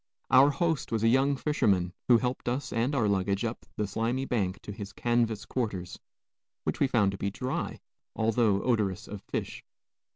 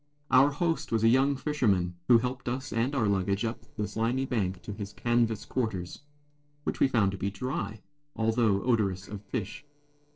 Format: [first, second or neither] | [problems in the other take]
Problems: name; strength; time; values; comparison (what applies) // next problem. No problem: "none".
first | noise reduction (neural separator model SepFormer DNS4)